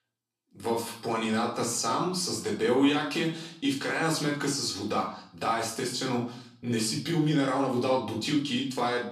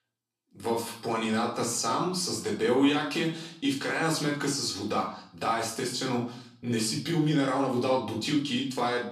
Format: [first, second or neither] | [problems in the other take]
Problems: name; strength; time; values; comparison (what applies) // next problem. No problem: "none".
neither | room echo; slight; dies away in 0.5 s; the same in both // off-mic speech; far; the same in both